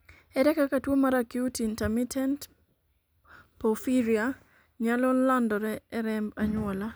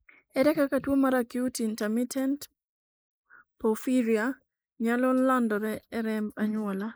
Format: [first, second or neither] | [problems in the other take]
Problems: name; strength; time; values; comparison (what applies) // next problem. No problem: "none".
first | noise reduction (neural mask model Resemble Enhance denoiser)